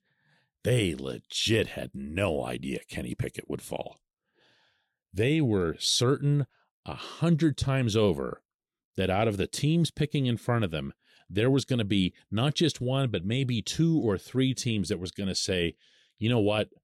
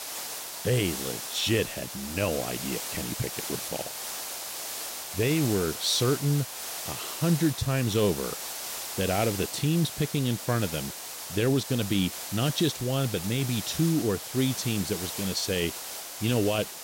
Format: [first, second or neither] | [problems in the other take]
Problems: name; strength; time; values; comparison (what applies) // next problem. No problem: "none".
first | hiss; loud; throughout; 6 dB below the speech